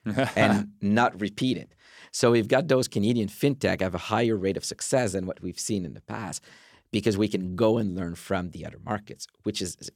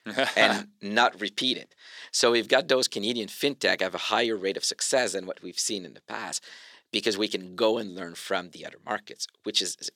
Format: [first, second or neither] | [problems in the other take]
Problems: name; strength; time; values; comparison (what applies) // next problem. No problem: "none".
first | thin; somewhat; fading below 350 Hz